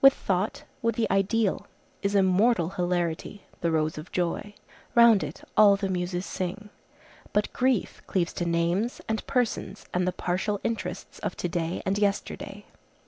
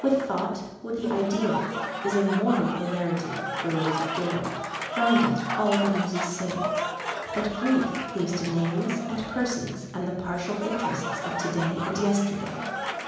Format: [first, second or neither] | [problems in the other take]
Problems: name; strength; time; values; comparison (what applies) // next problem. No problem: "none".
first | background sound (Applause / Crowd); 5 dB below the speech // room echo; dies away in 1 s